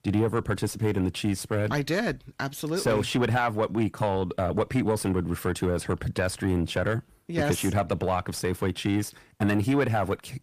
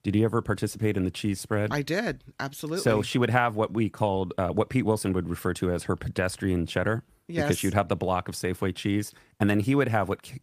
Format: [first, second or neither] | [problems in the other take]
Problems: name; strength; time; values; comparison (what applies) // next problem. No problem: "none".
second | distortion; slight; 10 dB below the speech